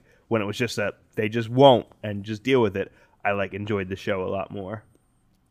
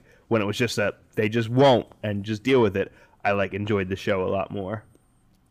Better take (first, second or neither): first